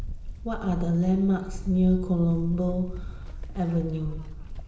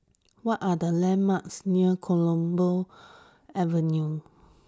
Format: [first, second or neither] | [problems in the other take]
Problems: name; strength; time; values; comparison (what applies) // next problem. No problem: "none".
second | background sound (Livestock, farm animals, working animals); 8 dB below the speech // room echo; dies away in 0.9 s